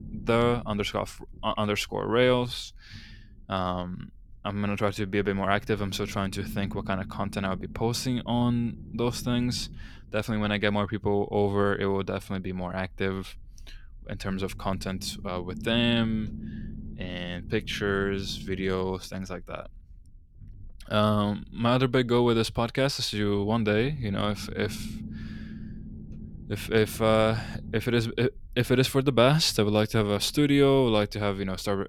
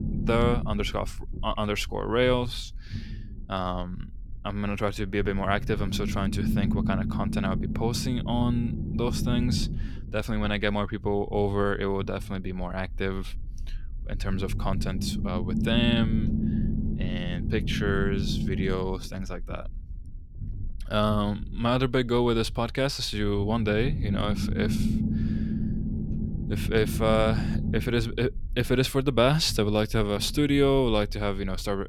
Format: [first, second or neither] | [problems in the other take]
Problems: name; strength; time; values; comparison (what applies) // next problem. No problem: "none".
first | low rumble; loud; throughout; 10 dB below the speech; faint in the first